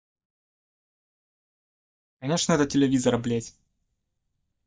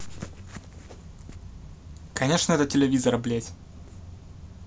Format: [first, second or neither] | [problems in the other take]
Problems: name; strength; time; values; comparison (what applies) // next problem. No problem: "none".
second | noise reduction (neural mask model DeepFilterNet 3)